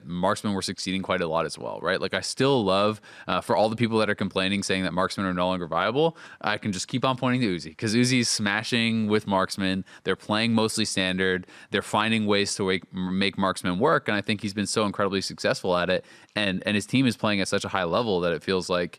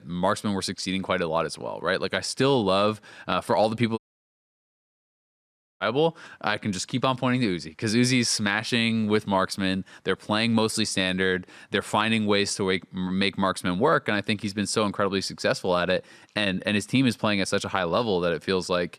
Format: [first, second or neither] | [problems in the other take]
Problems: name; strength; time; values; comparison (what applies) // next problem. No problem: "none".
first | audio cutting out; at 4 s for 2 s